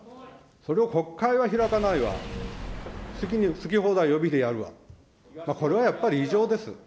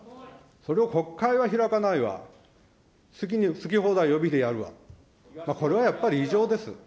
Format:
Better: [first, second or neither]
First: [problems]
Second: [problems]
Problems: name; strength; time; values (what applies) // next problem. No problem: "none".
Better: second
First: background sound (Engine / Car + Piano); 10 dB below the speech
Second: none